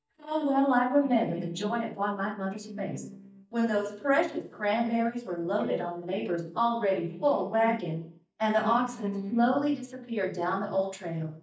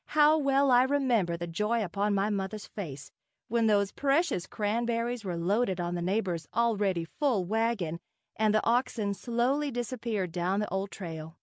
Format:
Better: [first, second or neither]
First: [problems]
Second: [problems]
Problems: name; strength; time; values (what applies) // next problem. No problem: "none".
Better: second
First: noise reduction (neural mask model DeepFilterNet 3)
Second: none